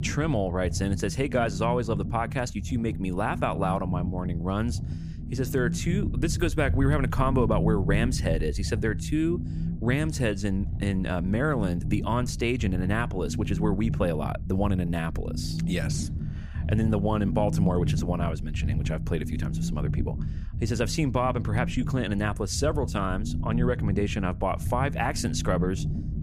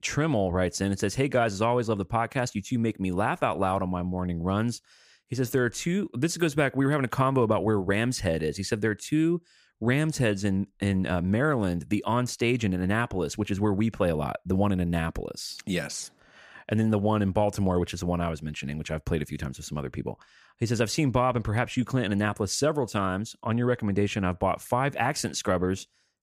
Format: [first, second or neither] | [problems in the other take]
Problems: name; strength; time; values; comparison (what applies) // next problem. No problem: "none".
second | low rumble; noticeable; throughout; 10 dB below the speech